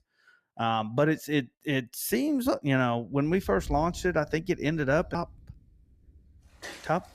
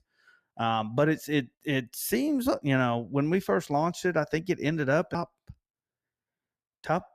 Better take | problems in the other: second | rain or running water; noticeable; from 3.5 s on; 15 dB below the speech

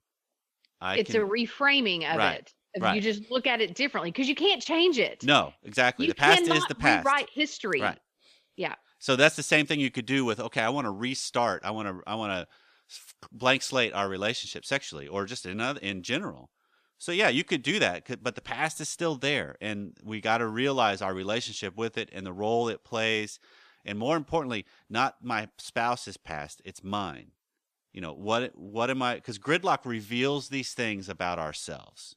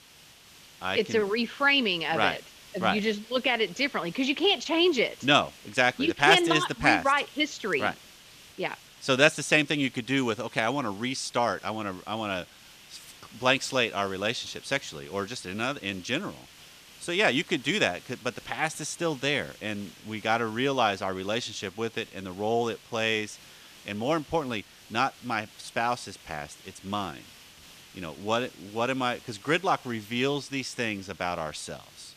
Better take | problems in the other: first | hiss; faint; throughout; 20 dB below the speech

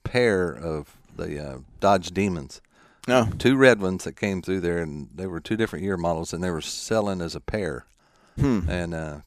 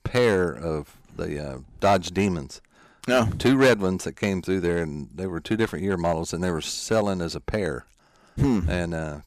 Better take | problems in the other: first | distortion; slight; 2% of the sound clipped

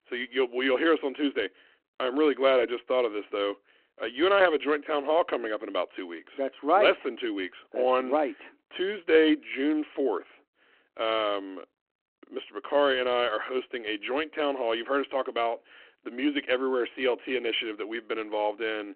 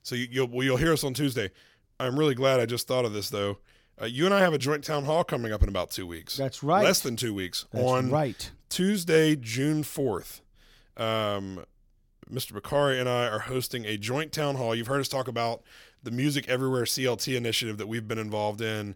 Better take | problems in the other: second | phone-call audio

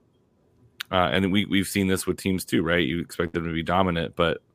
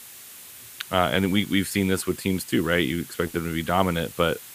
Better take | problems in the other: first | hiss; noticeable; throughout; 15 dB below the speech

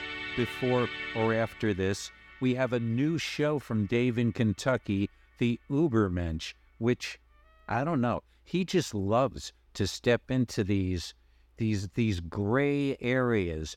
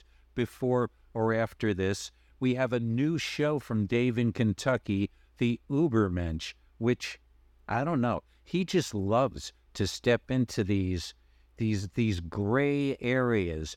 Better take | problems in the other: second | background music; loud; until 8 s; 10 dB below the speech

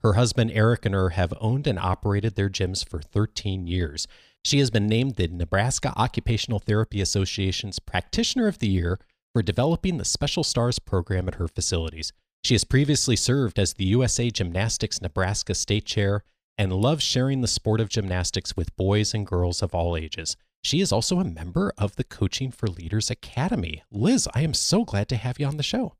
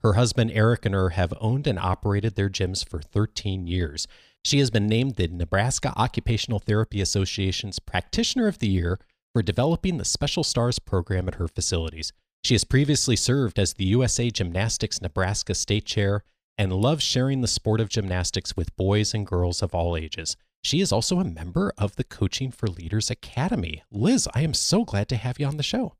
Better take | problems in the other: neither | none

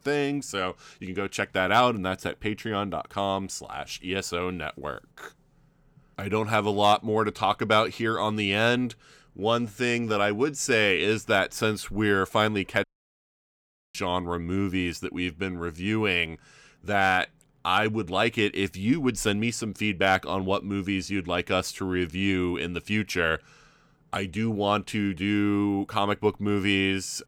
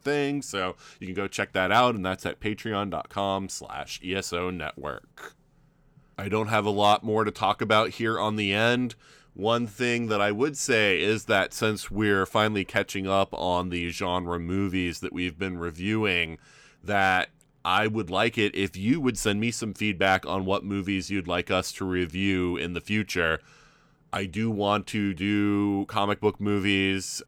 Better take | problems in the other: second | audio cutting out; at 13 s for 1 s

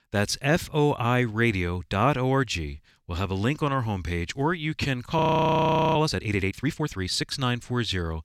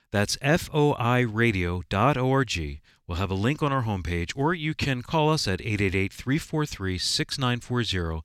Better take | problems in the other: second | audio freezing; at 5 s for 1 s

